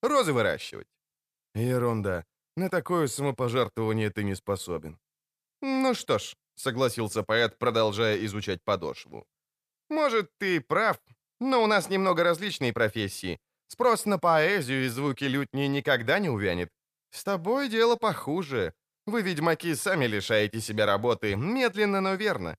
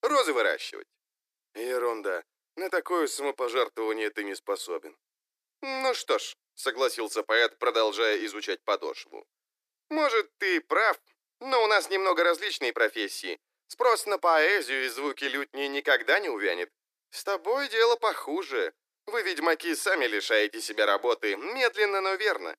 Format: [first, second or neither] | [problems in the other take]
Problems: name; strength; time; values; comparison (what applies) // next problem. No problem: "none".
first | thin; very; fading below 300 Hz